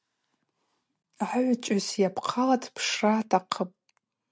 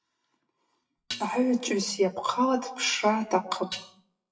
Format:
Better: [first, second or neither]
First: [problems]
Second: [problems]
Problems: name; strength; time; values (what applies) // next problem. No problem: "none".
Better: first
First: none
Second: noise reduction (classical method WPE with log-MMSE)